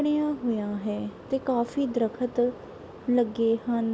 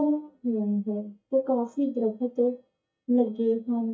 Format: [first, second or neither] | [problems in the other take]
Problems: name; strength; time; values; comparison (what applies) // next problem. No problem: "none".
first | noise reduction (neural mask model DeepFilterNet 3)